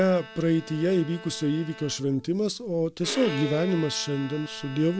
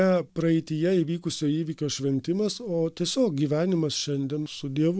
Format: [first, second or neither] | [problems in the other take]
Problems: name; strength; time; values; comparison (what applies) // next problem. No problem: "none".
second | background sound (Bowed string instrument); 14 dB below the speech